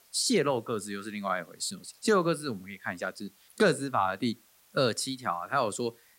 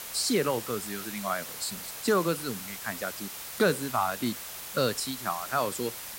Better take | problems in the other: first | hiss; loud; throughout; 7 dB below the speech; faint in the first

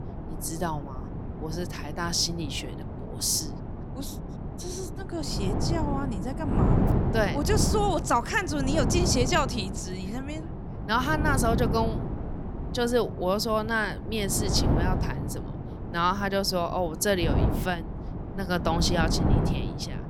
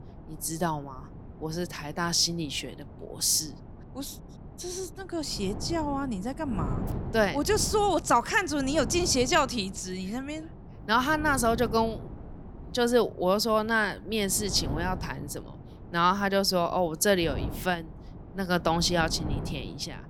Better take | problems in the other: second | wind noise on the microphone; heavy; 9 dB below the speech; occasional gusts in the second

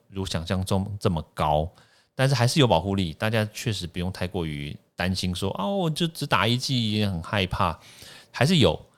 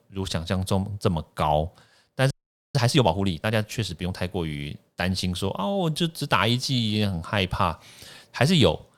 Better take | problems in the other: first | audio freezing; at 2.5 s

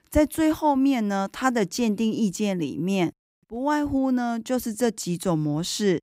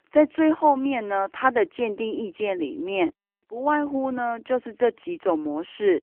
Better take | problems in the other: first | phone-call audio; poor line; nothing above 3 kHz

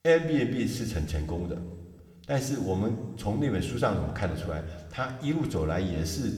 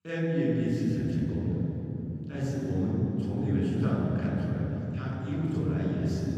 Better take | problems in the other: first | room echo; strong; dies away in 3 s; slight in the first // off-mic speech; far

